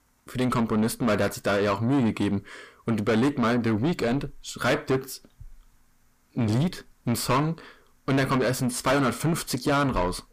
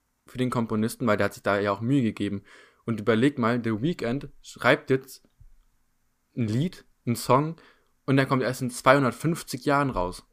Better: second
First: distortion; heavy; 5 dB below the speech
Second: none

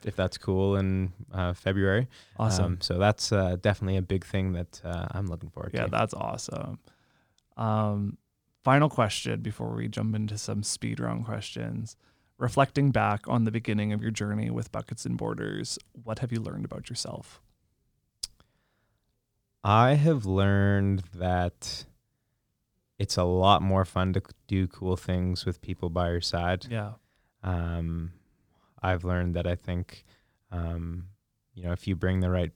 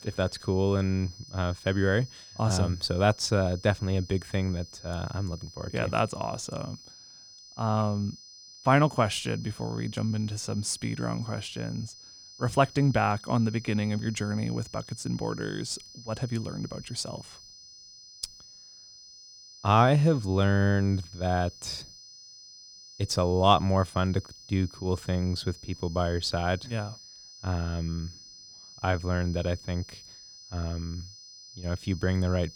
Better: first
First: none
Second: high-pitched whine; noticeable; throughout; 5 kHz, 20 dB below the speech

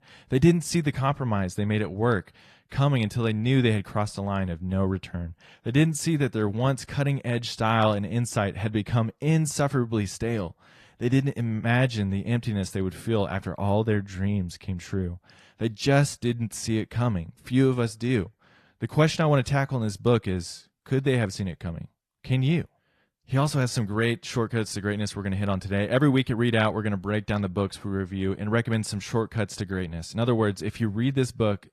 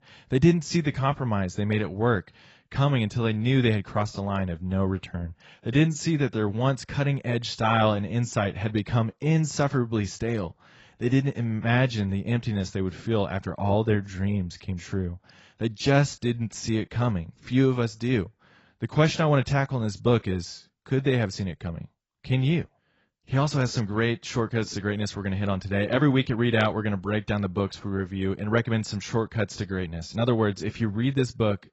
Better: first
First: garbled, watery; slightly; nothing above 13.5 kHz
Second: garbled, watery; badly; nothing above 7.5 kHz

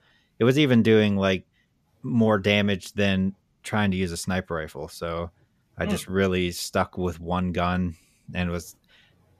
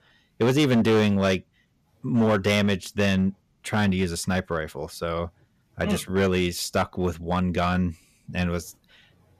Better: first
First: none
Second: distortion; slight; 5% of the sound clipped

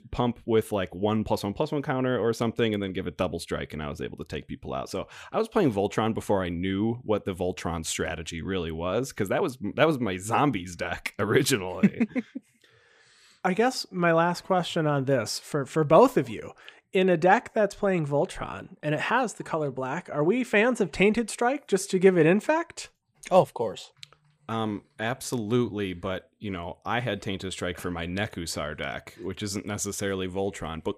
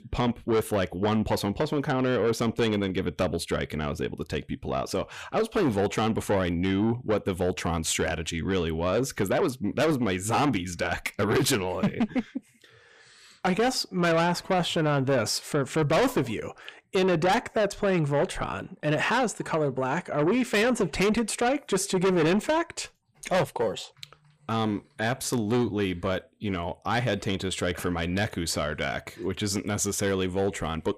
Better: first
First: none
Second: distortion; heavy; 7 dB below the speech

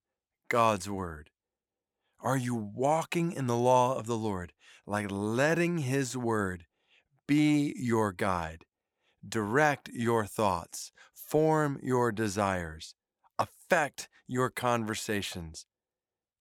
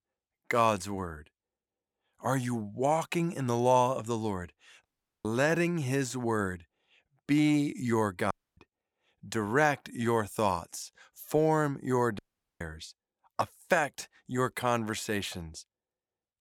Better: first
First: none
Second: audio cutting out; at 5 s, at 8.5 s and at 12 s

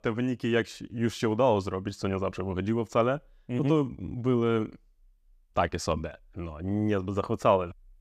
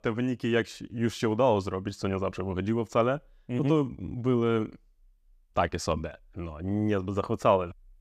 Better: neither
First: none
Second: none

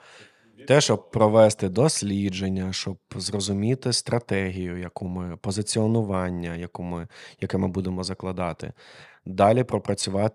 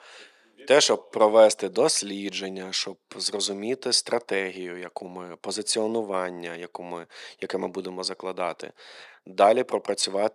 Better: first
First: none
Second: thin; somewhat; fading below 300 Hz

